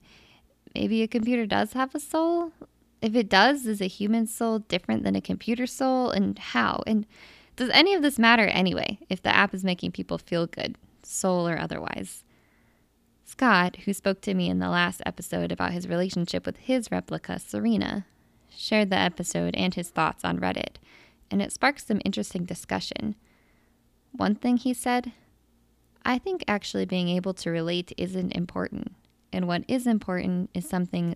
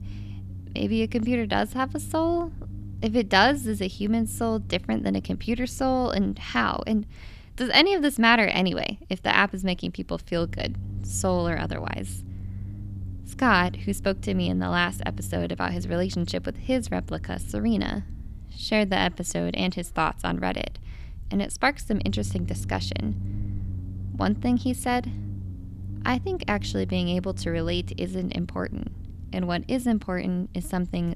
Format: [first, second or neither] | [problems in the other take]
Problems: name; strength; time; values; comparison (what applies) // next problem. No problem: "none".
first | low rumble; faint; throughout; 25 dB below the speech